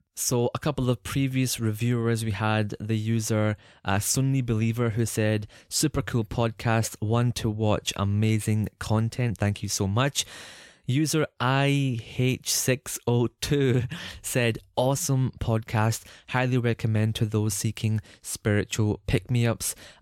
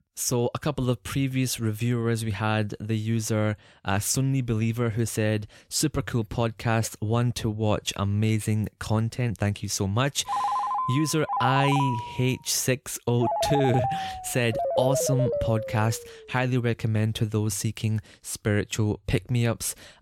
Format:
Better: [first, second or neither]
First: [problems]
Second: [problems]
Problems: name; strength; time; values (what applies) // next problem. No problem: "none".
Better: first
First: none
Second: phone ringing; loud; from 10 to 16 s; peak level with the speech